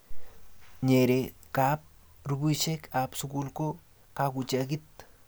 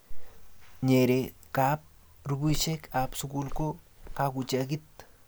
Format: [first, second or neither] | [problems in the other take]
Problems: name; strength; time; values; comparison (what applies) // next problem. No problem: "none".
first | background sound (Walk, footsteps); 8 dB below the speech